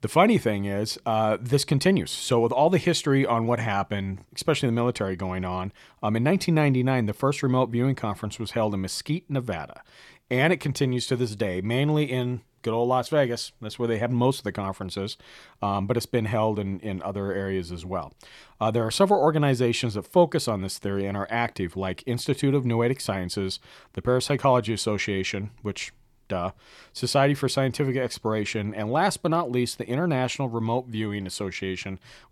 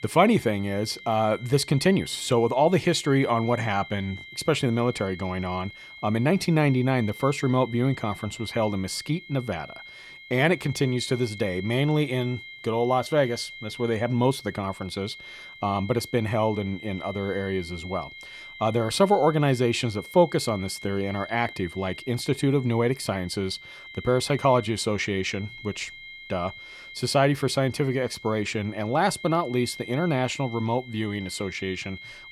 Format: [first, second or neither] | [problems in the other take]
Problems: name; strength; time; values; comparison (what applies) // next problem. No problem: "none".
first | high-pitched whine; noticeable; throughout; 2 kHz, 15 dB below the speech